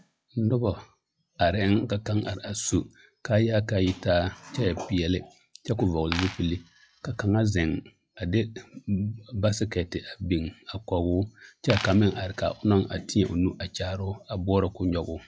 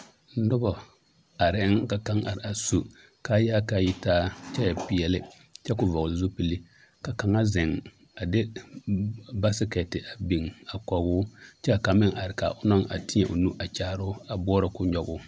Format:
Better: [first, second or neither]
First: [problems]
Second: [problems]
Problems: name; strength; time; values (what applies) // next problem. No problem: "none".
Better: second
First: noise reduction (classical method log-MMSE)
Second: none